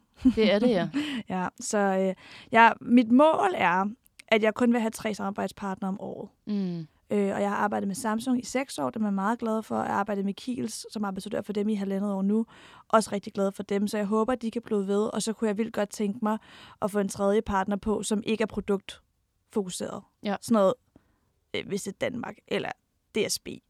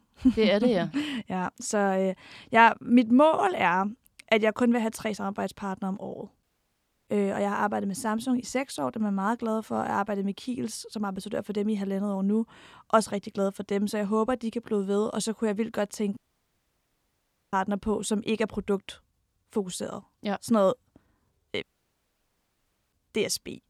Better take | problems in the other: first | audio cutting out; at 6.5 s for 0.5 s, at 16 s for 1.5 s and at 22 s for 1.5 s

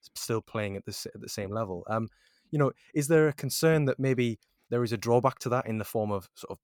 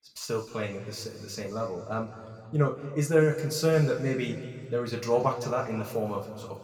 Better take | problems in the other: first | room echo; slight; dies away in 2.1 s // off-mic speech; somewhat distant

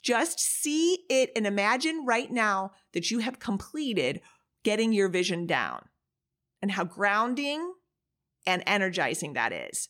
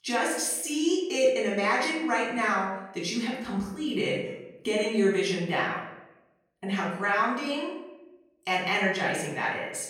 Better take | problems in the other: first | room echo; noticeable; dies away in 0.8 s // off-mic speech; far

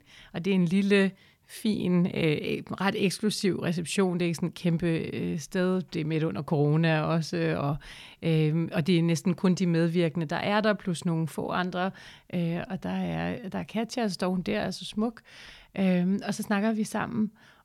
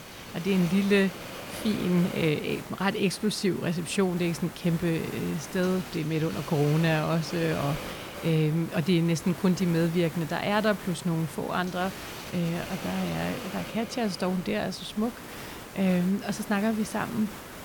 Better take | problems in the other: first | hiss; noticeable; throughout; 10 dB below the speech

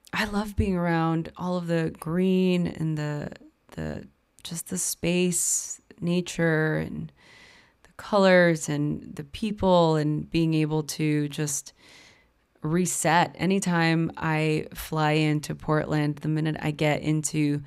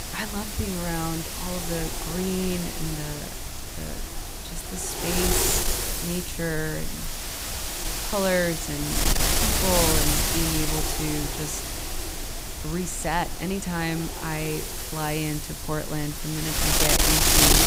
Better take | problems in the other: first | wind noise on the microphone; heavy; 3 dB above the speech

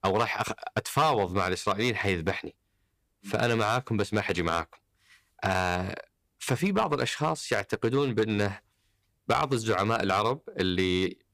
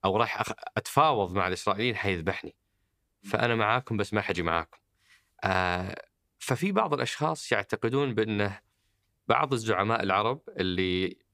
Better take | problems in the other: second | distortion; slight; 3% of the sound clipped

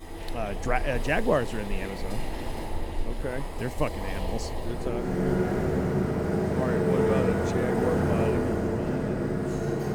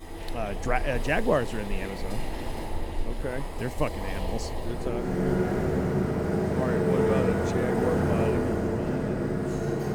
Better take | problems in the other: neither | household noises; very loud; throughout; 3 dB above the speech; the same in both

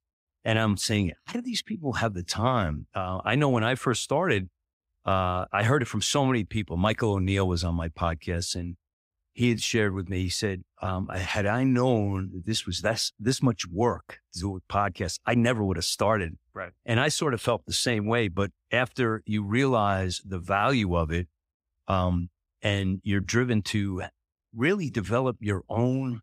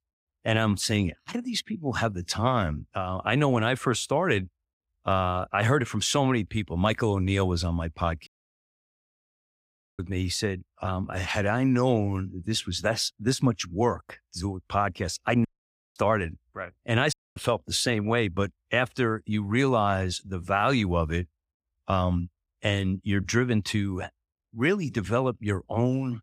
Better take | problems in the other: first | audio cutting out; at 8.5 s for 1.5 s, at 15 s for 0.5 s and at 17 s

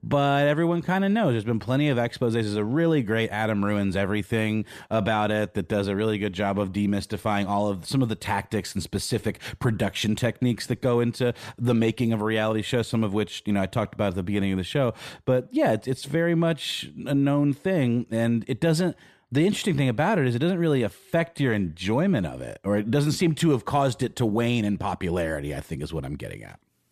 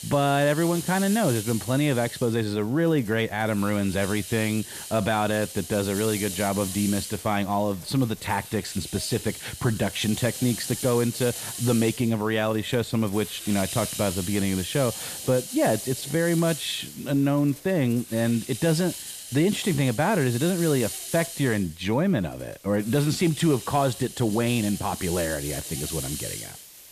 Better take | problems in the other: first | hiss; loud; throughout; 9 dB below the speech

